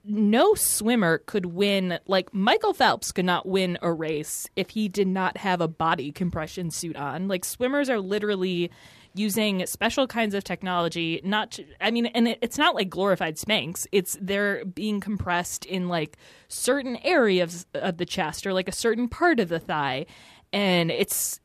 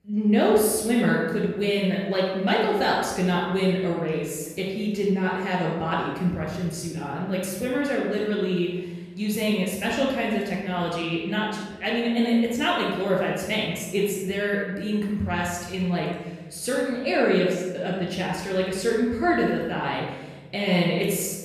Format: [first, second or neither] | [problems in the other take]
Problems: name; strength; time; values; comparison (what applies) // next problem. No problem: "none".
first | off-mic speech; far // room echo; noticeable; dies away in 1.2 s